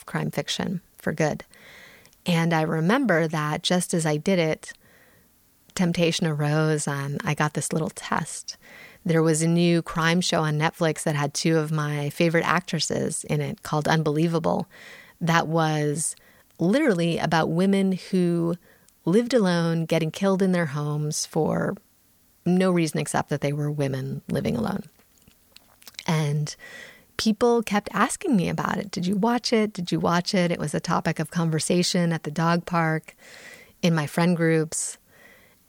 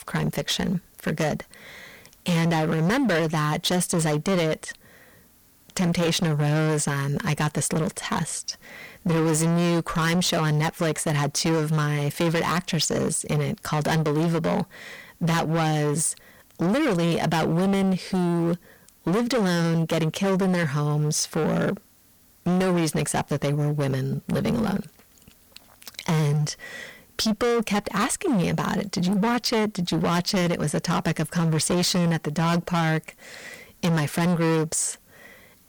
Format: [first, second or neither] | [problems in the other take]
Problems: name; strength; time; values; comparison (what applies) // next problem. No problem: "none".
first | distortion; heavy; 21% of the sound clipped